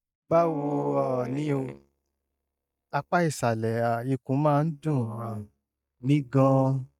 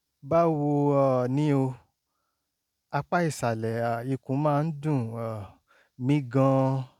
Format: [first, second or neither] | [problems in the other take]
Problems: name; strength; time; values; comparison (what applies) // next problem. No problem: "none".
second | noise reduction (neural mask model DeepFilterNet 3)